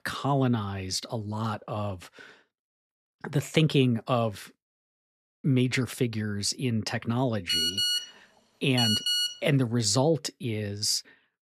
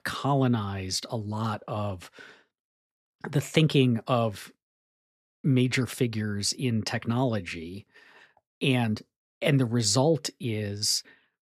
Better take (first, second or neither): second